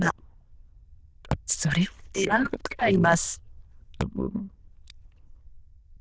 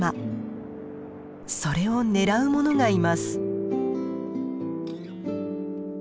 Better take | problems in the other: second | noise reduction (neural diffusion model UNIVERSE++)

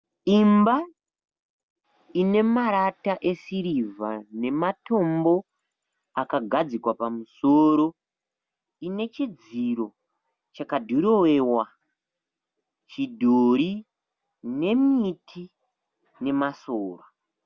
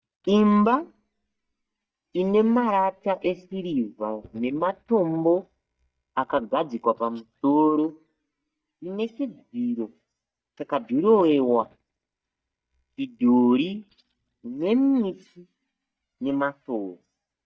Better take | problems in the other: first | noise reduction (neural mask model DeepFilterNet 3)

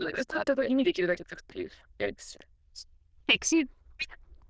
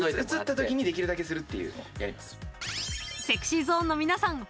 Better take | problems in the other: second | noise reduction (neural diffusion model UNIVERSE++)

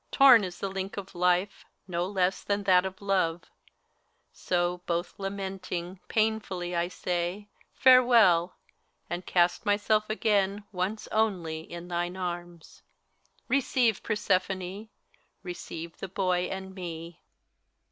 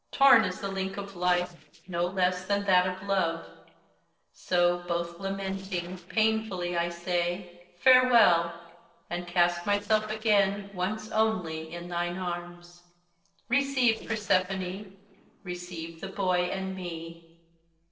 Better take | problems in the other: first | noise reduction (neural separator model SepFormer DNS4)

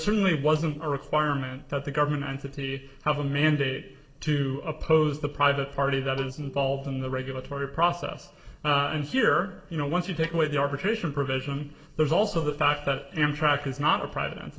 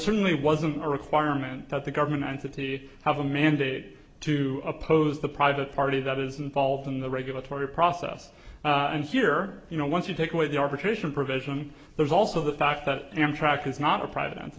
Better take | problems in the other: second | noise reduction (neural separator model SepFormer DNS4)

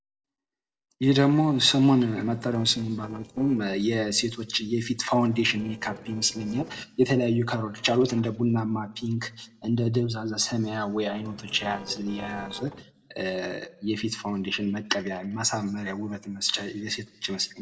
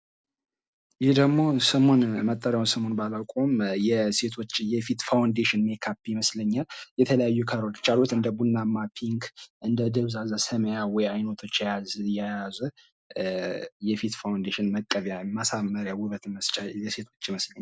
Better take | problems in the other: second | noise reduction (neural separator model SepFormer DNS4)

